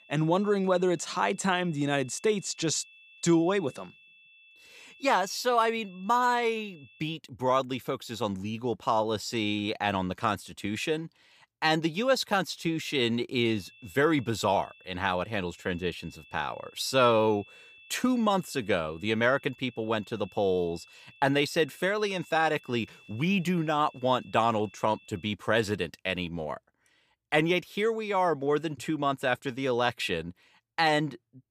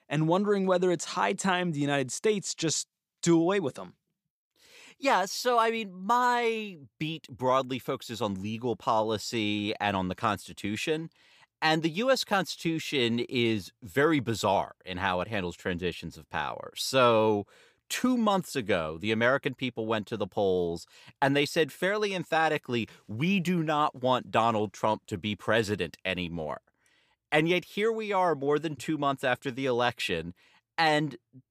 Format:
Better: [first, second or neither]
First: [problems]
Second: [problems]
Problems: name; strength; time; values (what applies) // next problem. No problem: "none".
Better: second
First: high-pitched whine; faint; until 7 s and from 13 to 25 s; 2.5 kHz, 25 dB below the speech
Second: none